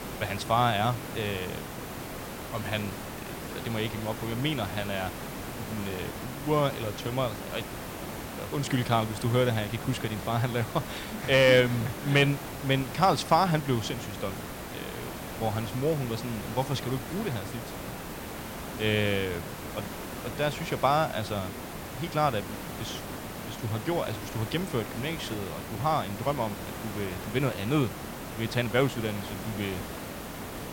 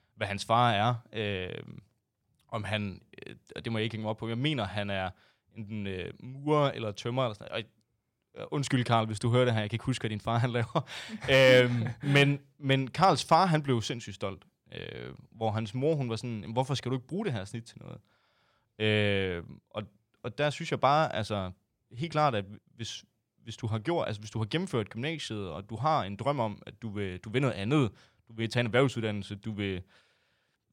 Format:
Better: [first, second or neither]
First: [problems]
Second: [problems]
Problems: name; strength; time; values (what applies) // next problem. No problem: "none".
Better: second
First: hiss; loud; throughout; 9 dB below the speech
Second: none